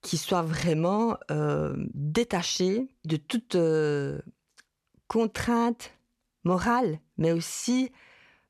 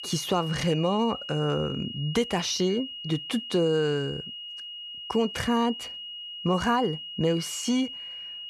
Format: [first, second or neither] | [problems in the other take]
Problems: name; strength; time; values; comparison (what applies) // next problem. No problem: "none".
first | high-pitched whine; loud; throughout; 3 kHz, 9 dB below the speech